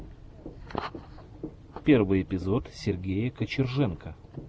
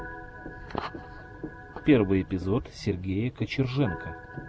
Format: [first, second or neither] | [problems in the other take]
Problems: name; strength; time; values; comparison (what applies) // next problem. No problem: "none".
first | background sound (Organ); 17 dB below the speech